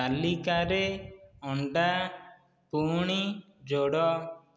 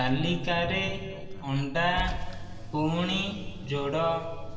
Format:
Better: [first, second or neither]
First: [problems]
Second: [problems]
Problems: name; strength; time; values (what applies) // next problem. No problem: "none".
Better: first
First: none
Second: background sound (Car); 7 dB below the speech // room echo; dies away in 2.2 s